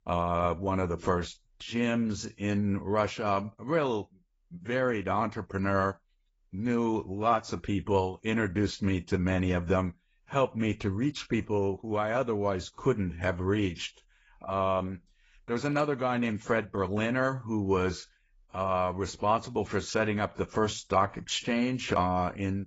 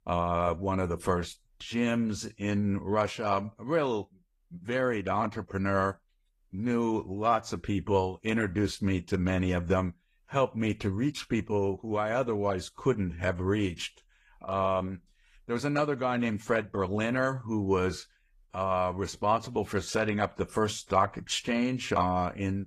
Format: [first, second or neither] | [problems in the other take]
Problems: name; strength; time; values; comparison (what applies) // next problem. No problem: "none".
second | garbled, watery; badly; nothing above 7.5 kHz; slightly in the second